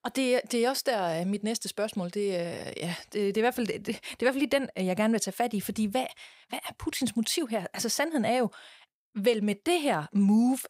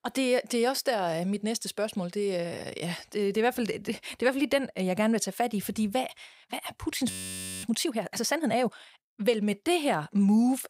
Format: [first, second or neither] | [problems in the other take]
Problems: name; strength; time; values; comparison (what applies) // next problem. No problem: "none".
first | audio freezing; at 7 s for 0.5 s